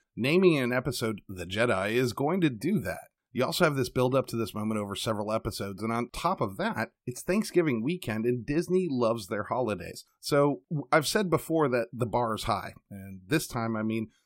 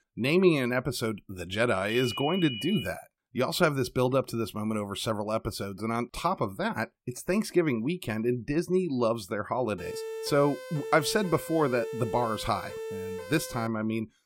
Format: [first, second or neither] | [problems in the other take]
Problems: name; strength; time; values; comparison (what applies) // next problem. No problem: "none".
first | phone ringing; noticeable; from 2 to 3 s; peak 6 dB below the speech // siren; noticeable; from 10 to 14 s; peak 8 dB below the speech